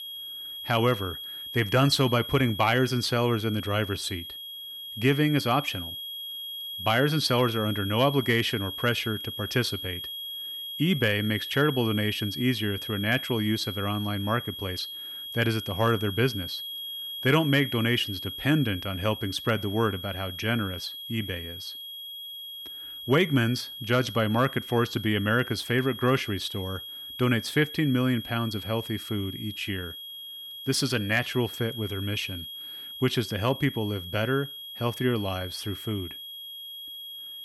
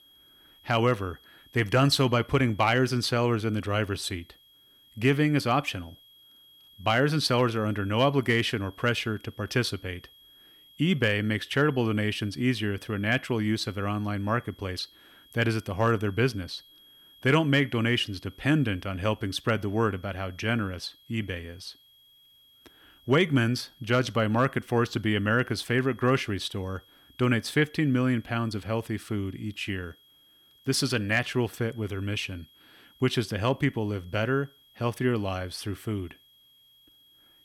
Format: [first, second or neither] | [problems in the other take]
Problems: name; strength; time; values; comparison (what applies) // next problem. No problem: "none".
second | high-pitched whine; loud; throughout; 3.5 kHz, 9 dB below the speech; faint in the second